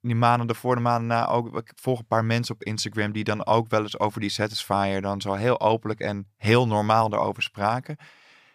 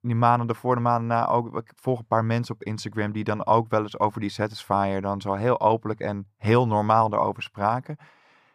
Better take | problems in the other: first | muffled; slightly; fading above 2 kHz

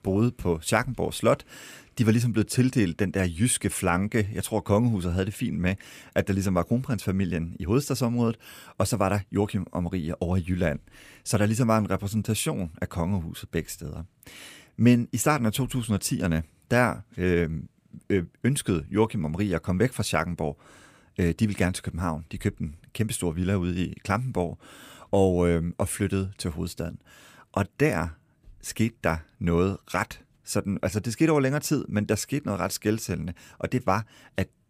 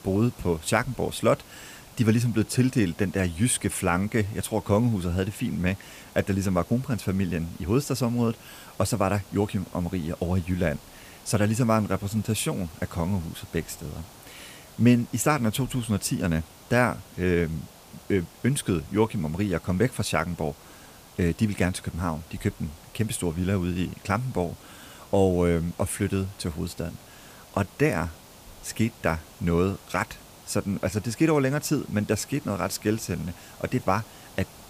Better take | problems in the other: first | hiss; faint; throughout; 20 dB below the speech

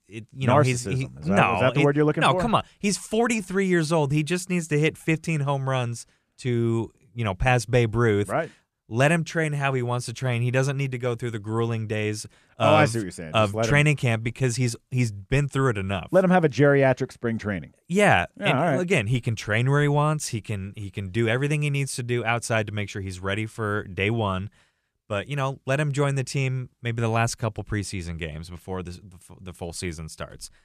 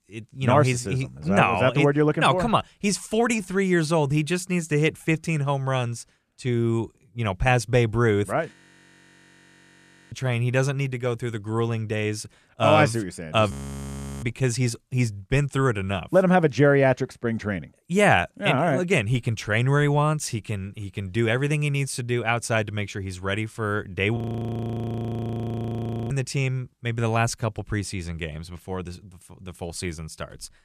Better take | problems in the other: first | audio freezing; at 8.5 s for 1.5 s, at 14 s for 0.5 s and at 24 s for 2 s

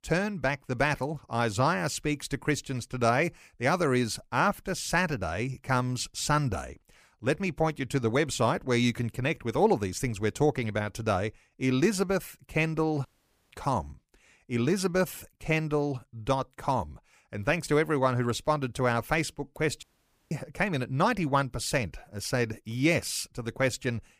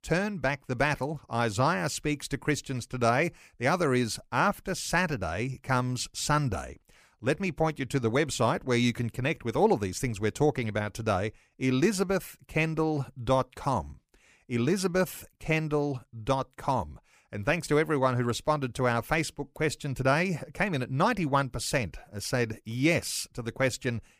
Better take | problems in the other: second | audio cutting out; at 13 s and at 20 s

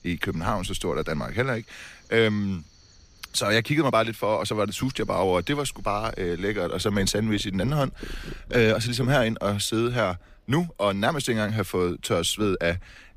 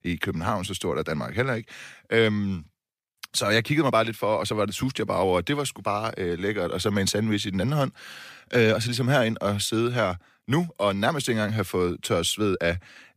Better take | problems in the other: second | animal sounds; faint; throughout; 20 dB below the speech

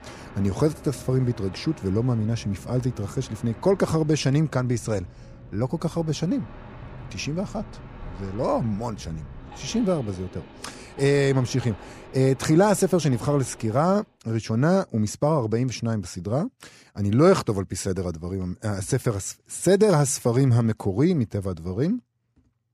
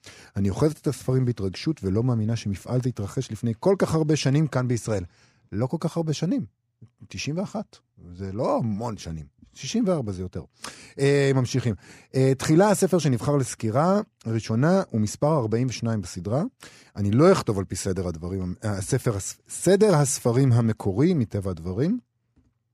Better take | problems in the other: second | train or aircraft noise; noticeable; until 14 s; 20 dB below the speech

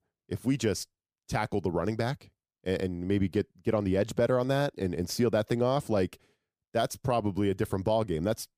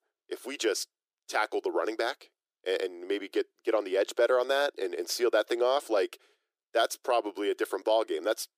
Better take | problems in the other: first | thin; very; fading below 350 Hz

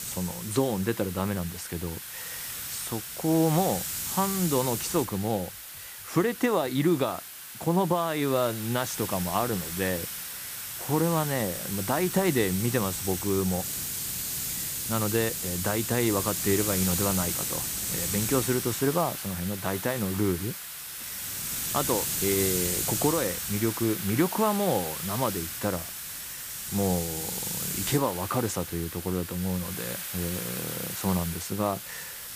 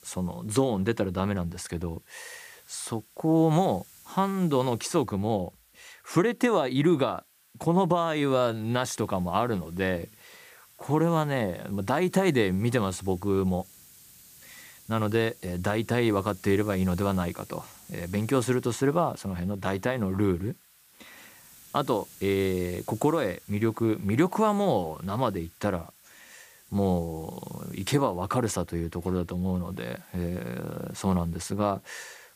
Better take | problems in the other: second | hiss; loud; throughout; 3 dB below the speech; faint in the second

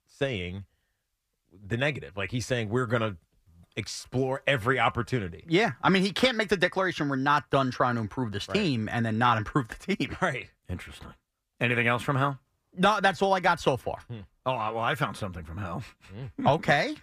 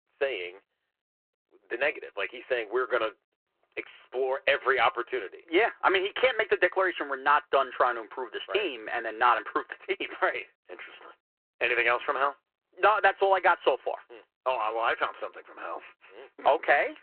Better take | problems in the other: first | phone-call audio

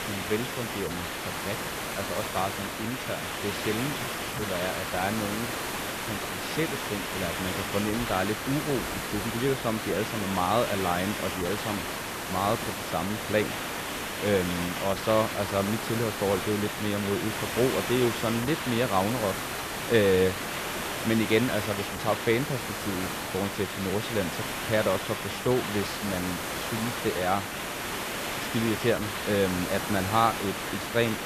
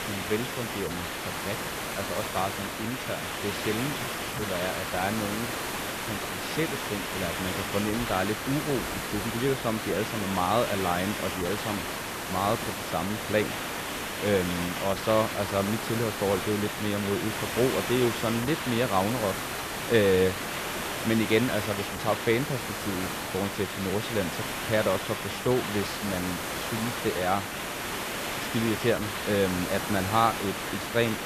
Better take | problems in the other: neither | hiss; loud; throughout; 2 dB below the speech; the same in both

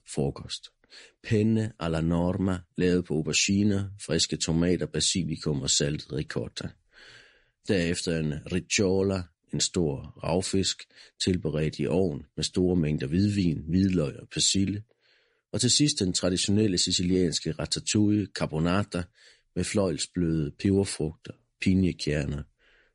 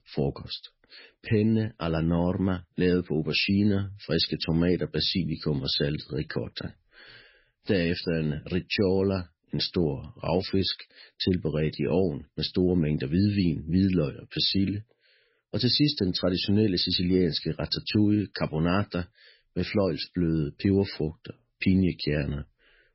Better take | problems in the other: first | garbled, watery; badly; nothing above 5.5 kHz; slightly in the first

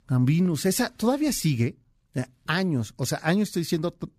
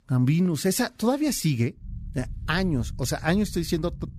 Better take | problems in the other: first | low rumble; faint; from 2 s on; 25 dB below the speech

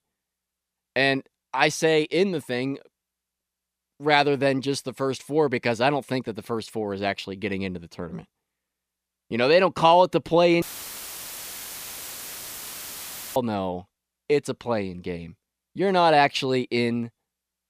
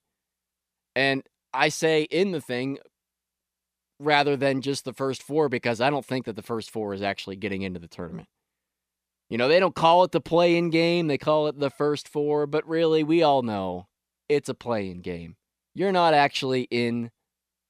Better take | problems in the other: second | audio cutting out; filled with static; at 11 s for 2.5 s

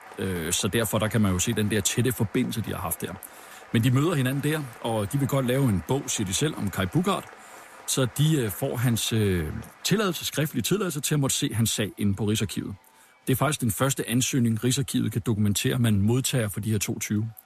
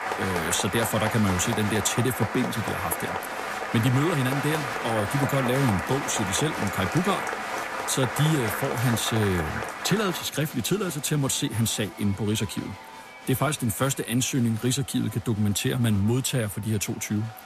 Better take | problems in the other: first | crowd noise; loud; throughout; 5 dB below the speech; faint in the first

